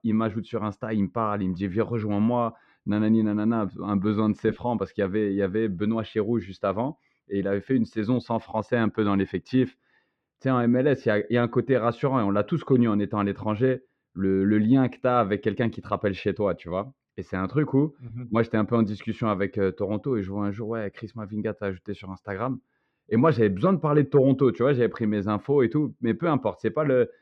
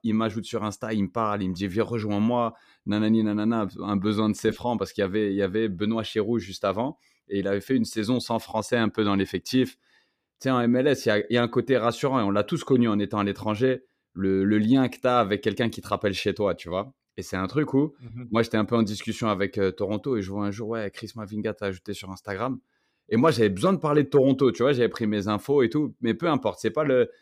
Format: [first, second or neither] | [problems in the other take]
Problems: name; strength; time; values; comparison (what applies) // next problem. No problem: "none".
second | muffled; slightly; fading above 2 kHz